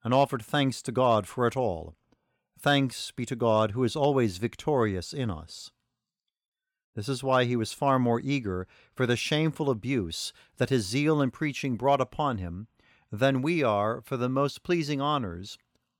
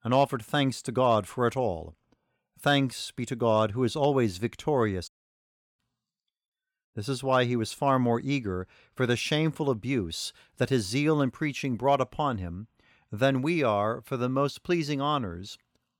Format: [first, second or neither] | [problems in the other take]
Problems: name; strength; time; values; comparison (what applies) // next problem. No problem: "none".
first | audio cutting out; at 5 s for 0.5 s